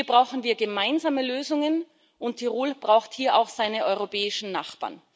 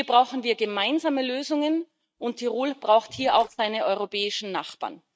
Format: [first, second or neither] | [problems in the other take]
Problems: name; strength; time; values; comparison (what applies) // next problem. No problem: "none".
first | noise reduction (neural mask model RNNoise)